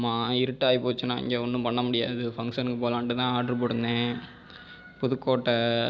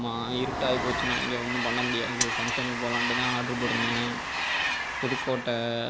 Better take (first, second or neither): first